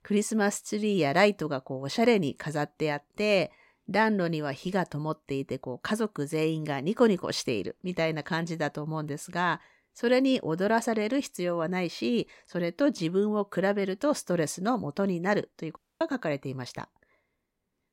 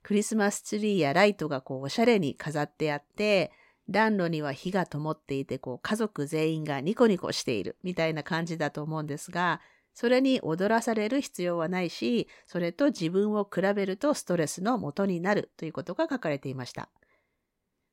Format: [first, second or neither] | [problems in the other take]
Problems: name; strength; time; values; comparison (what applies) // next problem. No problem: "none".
second | audio cutting out; at 16 s